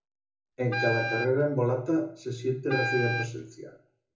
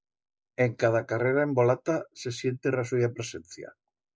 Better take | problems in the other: second | background sound (Wind instrument, woodwind instrument); 4 dB below the speech // room echo; dies away in 0.7 s

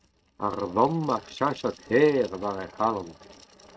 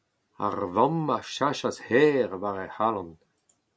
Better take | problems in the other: second | noise reduction (neural mask model RNNoise)

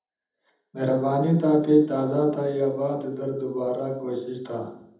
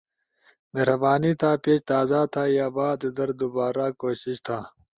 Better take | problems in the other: second | room echo; dies away in 0.8 s

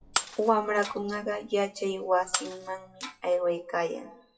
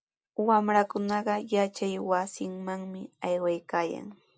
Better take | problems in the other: second | noise reduction (classical method WPE with log-MMSE)

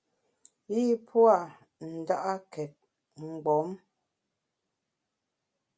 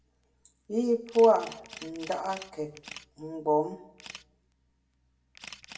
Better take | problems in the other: first | background sound (Camera); 19 dB below the speech // room echo; dies away in 0.6 s

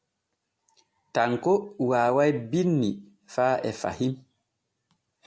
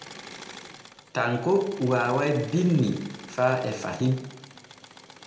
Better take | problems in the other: first | background sound (Engine / Mechanisms); 18 dB below the speech // room echo; dies away in 0.7 s

